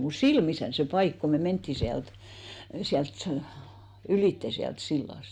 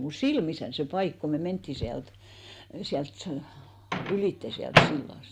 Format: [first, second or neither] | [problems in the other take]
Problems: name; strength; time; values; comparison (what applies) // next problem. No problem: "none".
first | background sound (Microwave oven); as loud as the speech